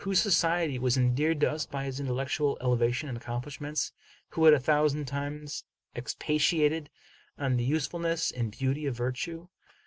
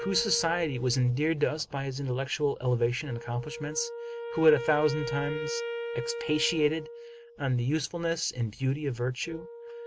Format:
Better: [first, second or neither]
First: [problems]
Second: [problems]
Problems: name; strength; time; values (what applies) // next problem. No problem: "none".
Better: first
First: none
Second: background sound (Wind instrument, woodwind instrument); 10 dB below the speech